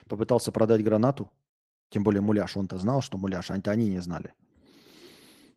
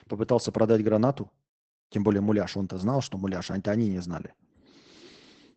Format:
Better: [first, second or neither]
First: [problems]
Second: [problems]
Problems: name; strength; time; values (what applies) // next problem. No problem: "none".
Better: first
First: garbled, watery; slightly; nothing above 12 kHz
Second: garbled, watery; badly; nothing above 8 kHz